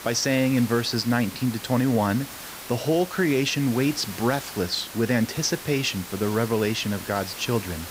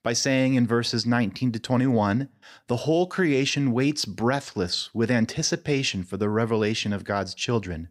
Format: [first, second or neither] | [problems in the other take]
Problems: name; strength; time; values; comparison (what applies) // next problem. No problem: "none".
second | hiss; noticeable; throughout; 10 dB below the speech